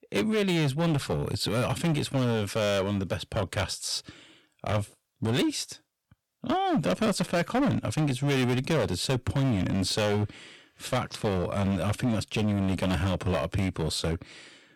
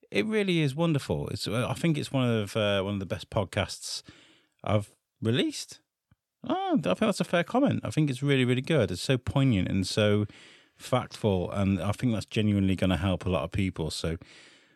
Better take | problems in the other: second | distortion; heavy; 16% of the sound clipped

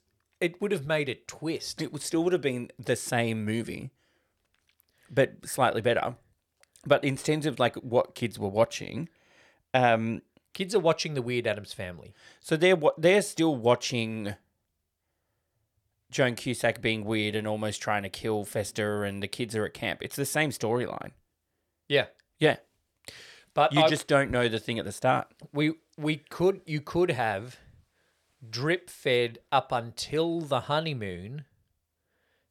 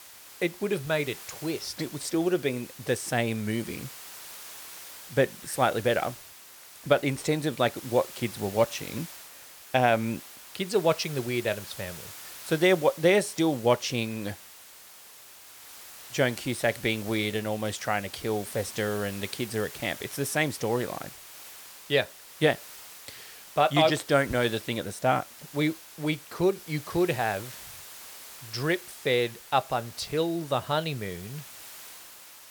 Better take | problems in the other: first | hiss; noticeable; throughout; 15 dB below the speech

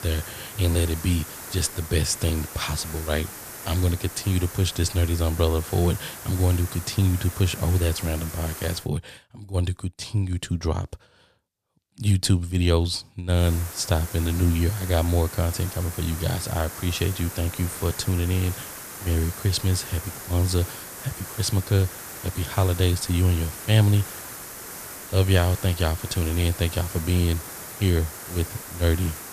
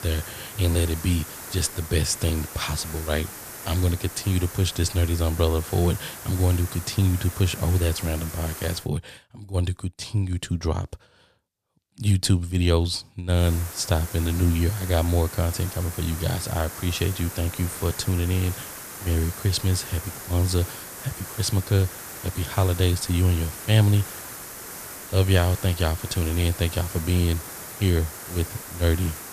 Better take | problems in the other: neither | hiss; noticeable; until 9 s and from 13 s on; 10 dB below the speech; the same in both

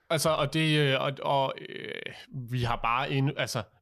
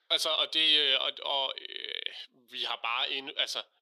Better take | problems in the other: first | thin; very; fading below 350 Hz

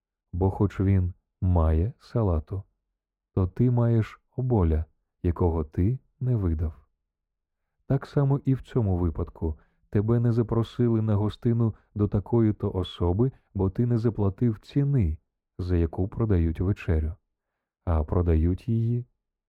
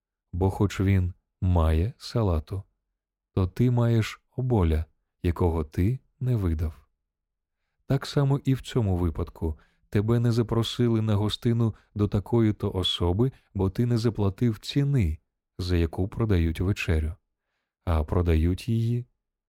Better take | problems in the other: second | muffled; slightly; fading above 2 kHz

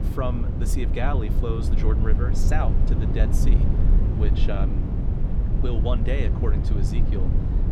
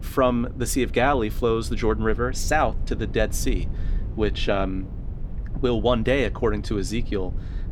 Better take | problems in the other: second | low rumble; loud; throughout; 3 dB below the speech; faint in the second

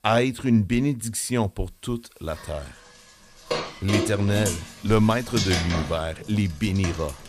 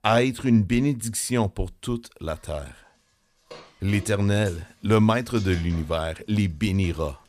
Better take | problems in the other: second | household noises; loud; throughout; 5 dB below the speech; faint in the second

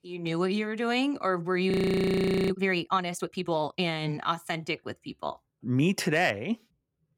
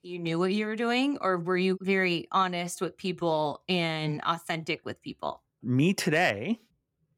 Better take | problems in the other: second | audio freezing; at 1.5 s for 1 s

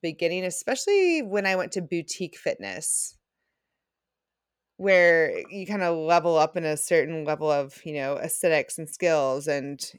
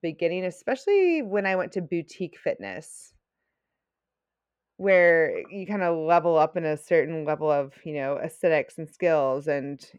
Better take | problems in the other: first | muffled; very; fading above 4 kHz

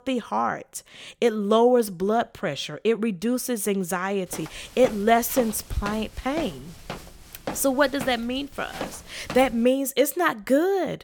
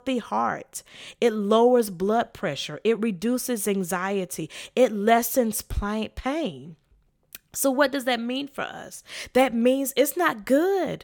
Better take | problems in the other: second | footsteps; faint; from 4.5 to 9.5 s; peak 10 dB below the speech

